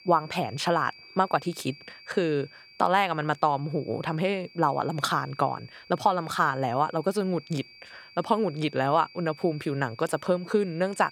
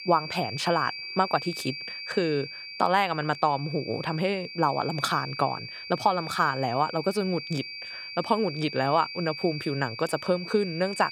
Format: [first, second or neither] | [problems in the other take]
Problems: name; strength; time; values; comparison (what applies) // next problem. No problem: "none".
first | high-pitched whine; loud; throughout; 4.5 kHz, 9 dB below the speech; faint in the first